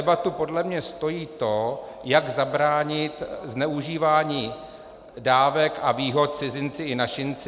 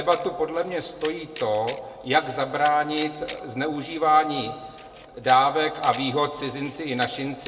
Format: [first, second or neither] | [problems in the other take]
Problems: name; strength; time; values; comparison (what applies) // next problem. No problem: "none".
first | background sound (Camera); 20 dB below the speech // room echo; dies away in 1.3 s